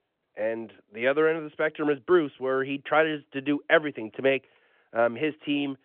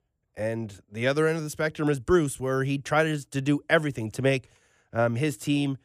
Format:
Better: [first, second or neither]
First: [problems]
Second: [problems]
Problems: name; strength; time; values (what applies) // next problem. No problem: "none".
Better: second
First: phone-call audio; nothing above 3.5 kHz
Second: none